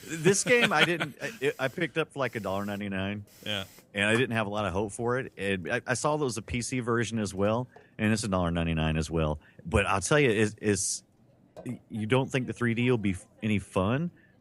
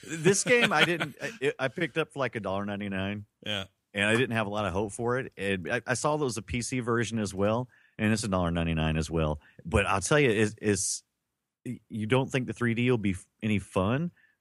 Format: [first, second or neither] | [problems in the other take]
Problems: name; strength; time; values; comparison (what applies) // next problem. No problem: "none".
second | hiss; faint; throughout; 30 dB below the speech